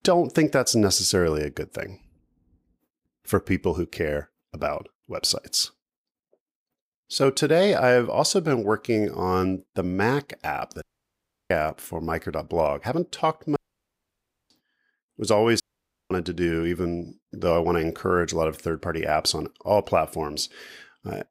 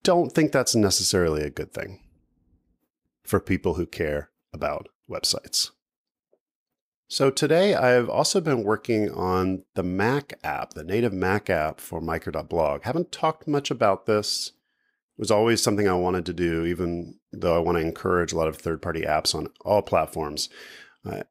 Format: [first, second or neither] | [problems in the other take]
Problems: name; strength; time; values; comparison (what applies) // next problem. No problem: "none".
second | audio cutting out; at 11 s for 0.5 s, at 14 s for 1 s and at 16 s for 0.5 s